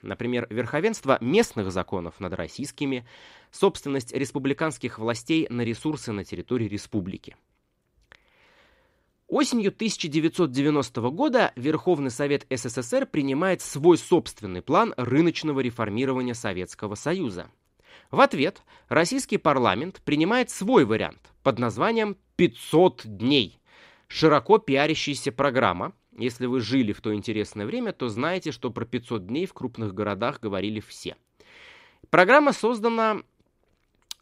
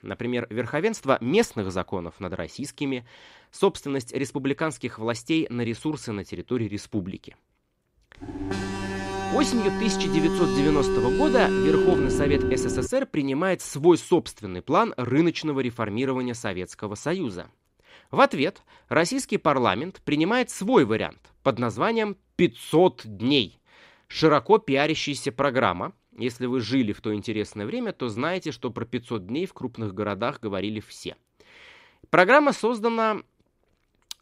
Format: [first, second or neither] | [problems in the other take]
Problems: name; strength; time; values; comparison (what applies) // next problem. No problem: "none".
first | alarm; loud; from 8 to 13 s; peak 3 dB above the speech